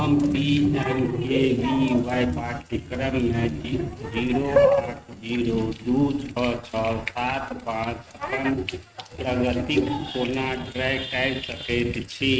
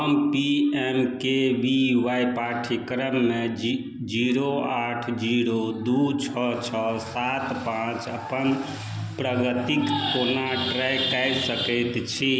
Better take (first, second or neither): second